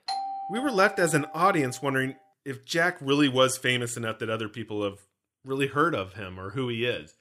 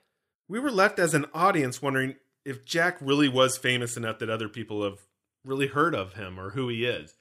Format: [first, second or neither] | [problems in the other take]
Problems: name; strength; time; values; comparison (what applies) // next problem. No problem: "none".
second | doorbell; noticeable; until 1.5 s; peak 6 dB below the speech